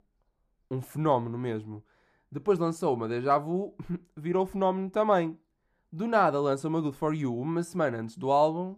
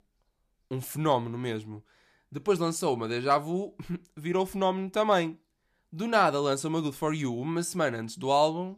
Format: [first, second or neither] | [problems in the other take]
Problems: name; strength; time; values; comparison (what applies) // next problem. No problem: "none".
second | muffled; slightly; fading above 2 kHz